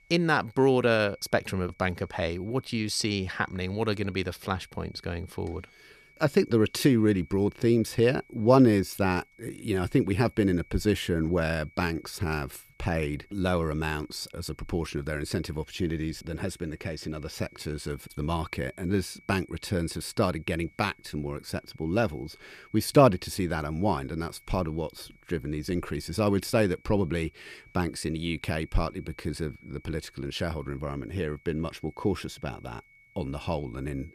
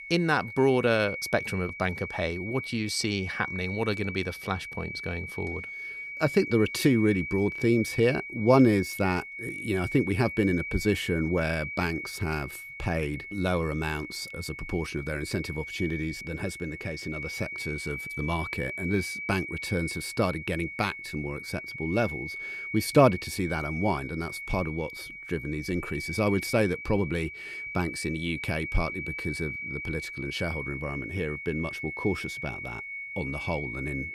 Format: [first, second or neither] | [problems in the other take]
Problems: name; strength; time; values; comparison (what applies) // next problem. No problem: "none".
first | high-pitched whine; loud; throughout; 2.5 kHz, 7 dB below the speech; faint in the first